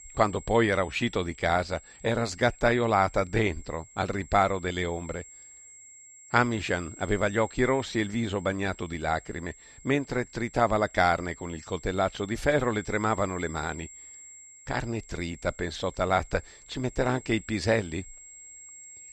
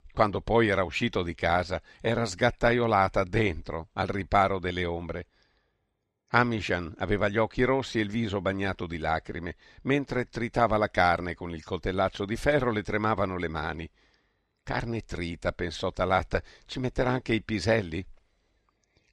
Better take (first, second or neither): second